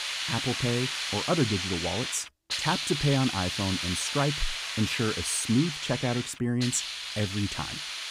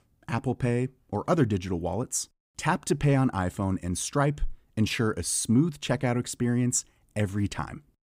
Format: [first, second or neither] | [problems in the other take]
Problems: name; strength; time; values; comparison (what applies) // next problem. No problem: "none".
second | hiss; loud; throughout; 2 dB below the speech